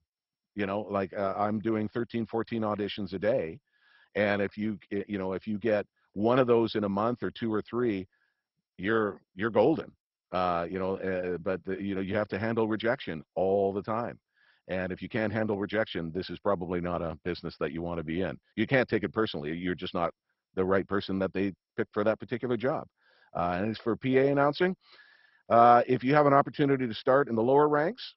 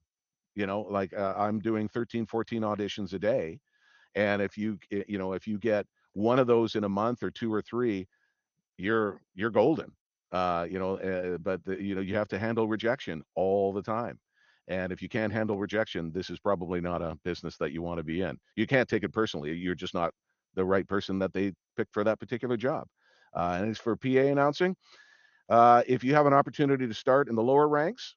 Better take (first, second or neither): second